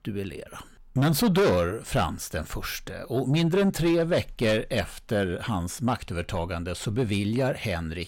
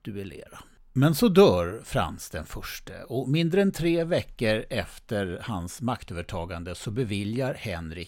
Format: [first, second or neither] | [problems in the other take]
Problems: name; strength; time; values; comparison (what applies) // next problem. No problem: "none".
second | distortion; heavy; 7 dB below the speech